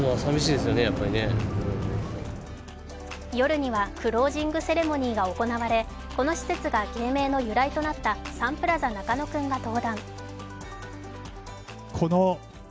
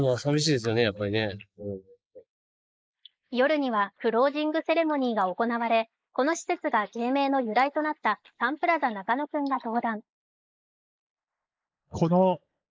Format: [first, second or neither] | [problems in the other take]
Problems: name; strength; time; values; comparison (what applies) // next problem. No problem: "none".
first | noise reduction (neural mask model Resemble Enhance denoiser)